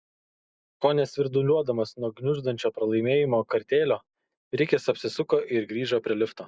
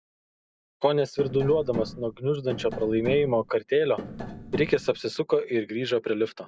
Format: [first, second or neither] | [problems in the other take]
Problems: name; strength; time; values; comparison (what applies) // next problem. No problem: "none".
first | background sound (Tap); 10 dB below the speech